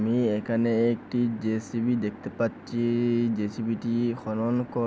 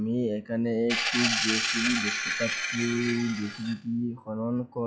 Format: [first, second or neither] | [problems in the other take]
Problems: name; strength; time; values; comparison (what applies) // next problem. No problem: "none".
first | noise reduction (classical method log-MMSE)